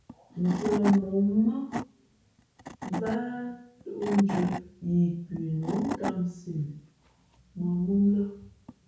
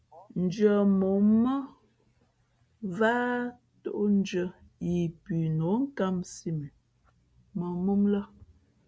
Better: second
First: background sound (Wood / Tools); 10 dB below the speech // room echo; dies away in 0.6 s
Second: none

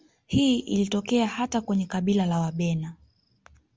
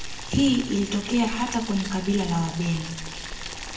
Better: first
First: none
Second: background sound (Boiling); 9 dB below the speech // room echo; dies away in 0.7 s

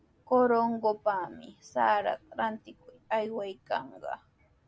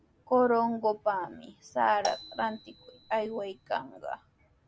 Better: first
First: none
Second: background sound (Marimba, xylophone); 13 dB below the speech

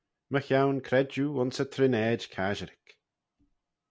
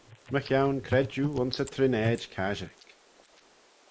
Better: first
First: none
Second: noise reduction (neural mask model Resemble Enhance denoiser)

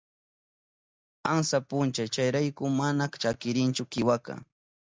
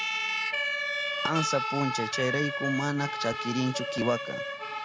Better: first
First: none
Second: background sound (Siren); as loud as the speech

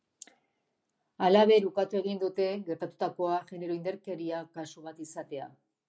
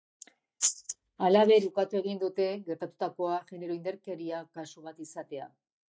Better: first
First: none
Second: noise reduction (neural mask model DeepFilterNet 3)

